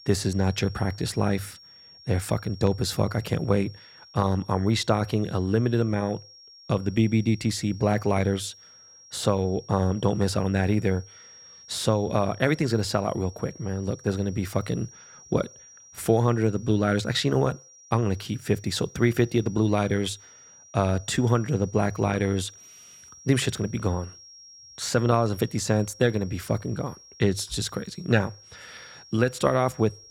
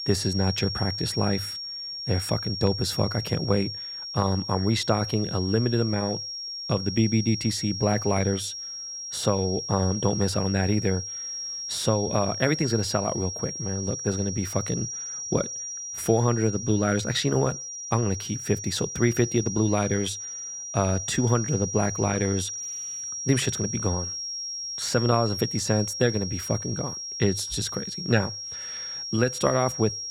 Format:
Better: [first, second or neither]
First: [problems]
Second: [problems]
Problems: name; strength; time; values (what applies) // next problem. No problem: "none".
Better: first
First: high-pitched whine; faint; throughout; 5.5 kHz, 20 dB below the speech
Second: high-pitched whine; loud; throughout; 5.5 kHz, 5 dB below the speech